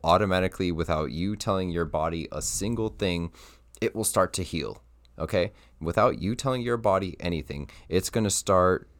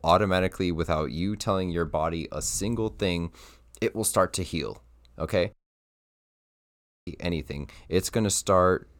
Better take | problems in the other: first | audio cutting out; at 5.5 s for 1.5 s

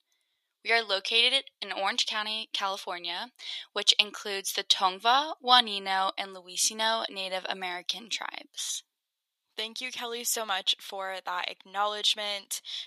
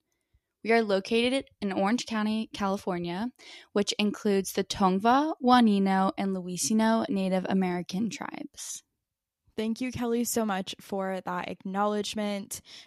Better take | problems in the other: second | thin; very; fading below 800 Hz

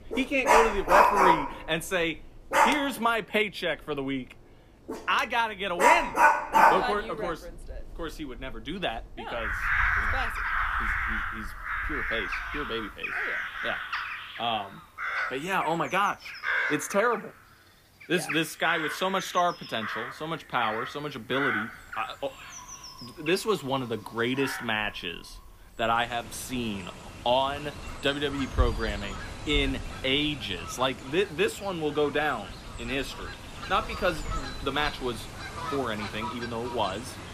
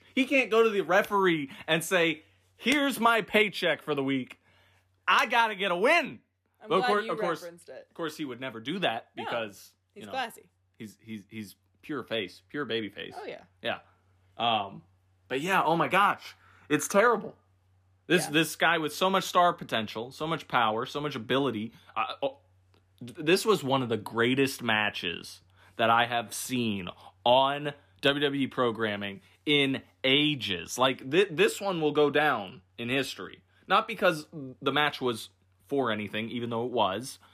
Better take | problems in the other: second | animal sounds; very loud; throughout; 1 dB above the speech

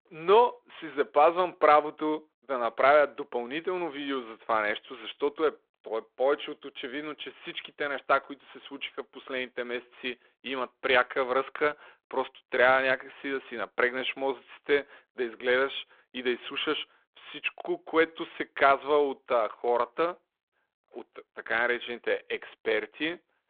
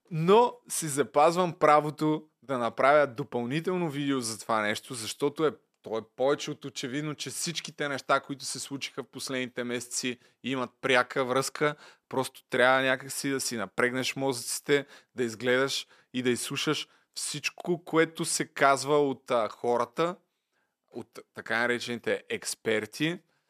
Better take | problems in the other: second | phone-call audio

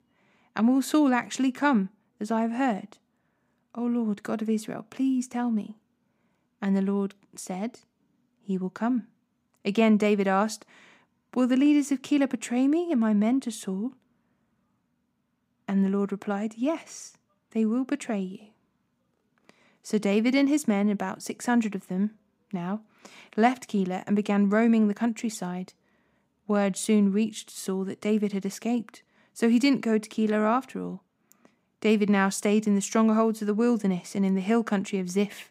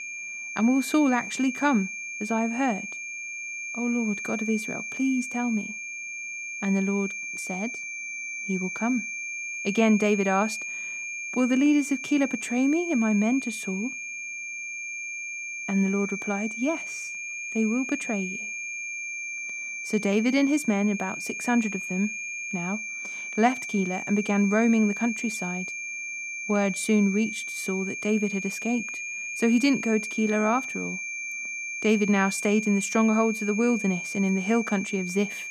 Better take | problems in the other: first | high-pitched whine; loud; throughout; 2.5 kHz, 6 dB below the speech

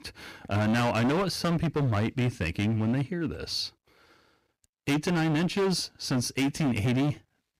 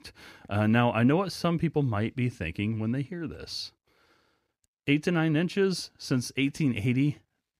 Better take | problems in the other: second | distortion; heavy; 18% of the sound clipped

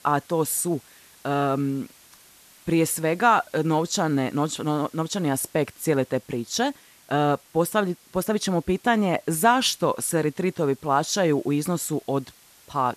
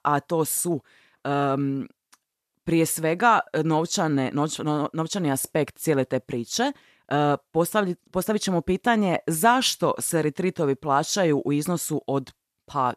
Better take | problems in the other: second | hiss; faint; throughout; 25 dB below the speech

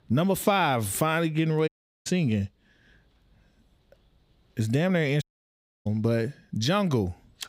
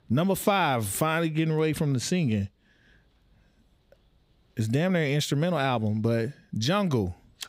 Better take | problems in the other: second | audio cutting out; at 1.5 s and at 5 s for 0.5 s

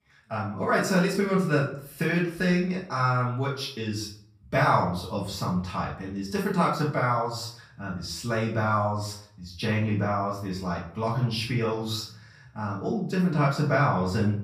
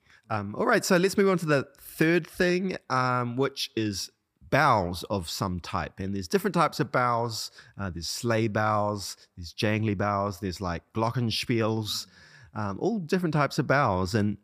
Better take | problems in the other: second | off-mic speech; far // room echo; noticeable; dies away in 0.5 s

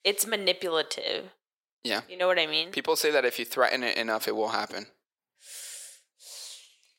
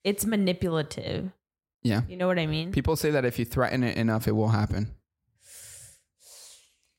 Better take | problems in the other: second | thin; very; fading below 450 Hz

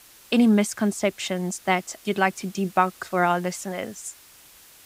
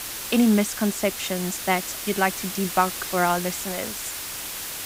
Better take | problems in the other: first | hiss; loud; throughout; 6 dB below the speech; faint in the first

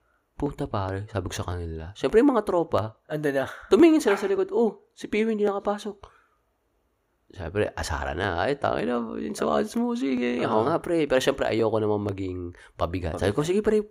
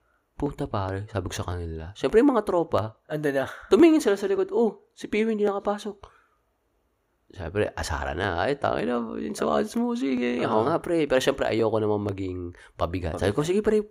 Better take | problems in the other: second | dog barking; noticeable; at 4 s; peak 9 dB below the speech

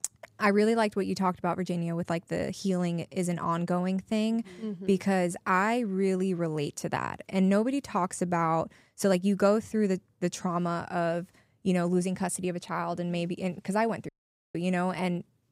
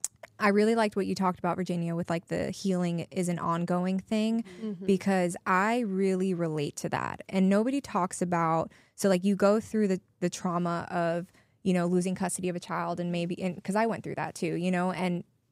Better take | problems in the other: second | audio cutting out; at 14 s

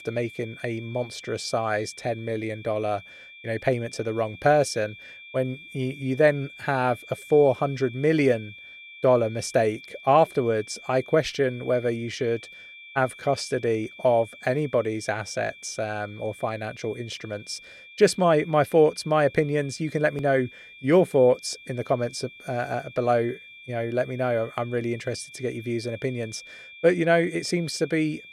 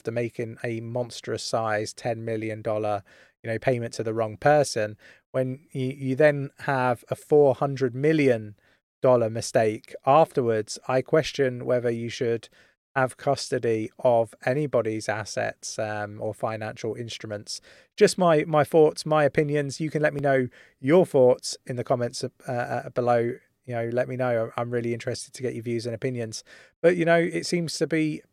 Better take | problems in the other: second | high-pitched whine; noticeable; throughout; 2.5 kHz, 20 dB below the speech

